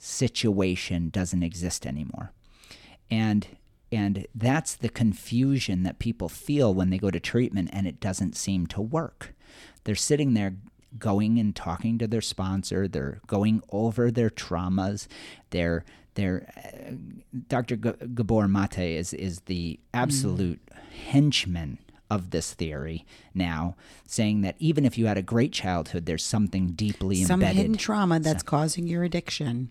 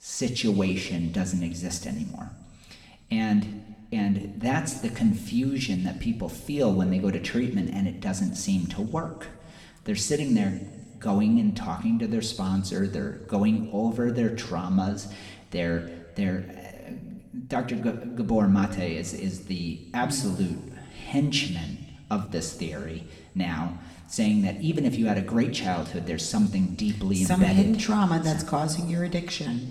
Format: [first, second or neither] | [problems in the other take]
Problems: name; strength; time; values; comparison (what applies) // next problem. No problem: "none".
first | room echo; slight; dies away in 1.3 s